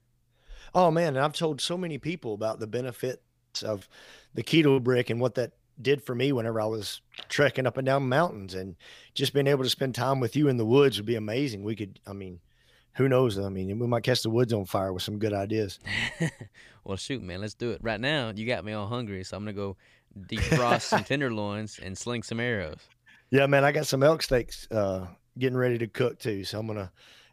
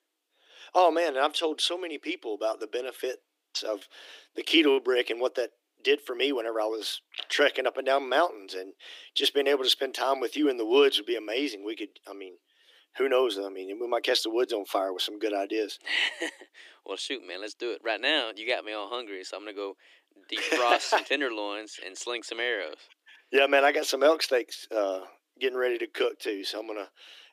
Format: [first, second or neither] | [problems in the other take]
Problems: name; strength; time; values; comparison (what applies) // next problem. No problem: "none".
first | thin; somewhat; fading below 300 Hz